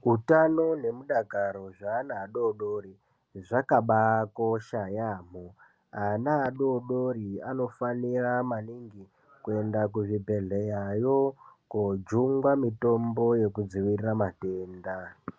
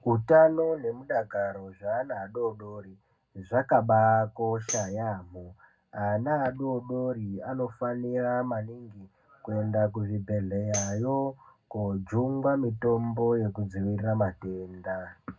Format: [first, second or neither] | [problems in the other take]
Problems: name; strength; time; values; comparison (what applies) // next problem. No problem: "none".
first | background sound (Tambourine); 12 dB below the speech // room echo; dies away in 0.3 s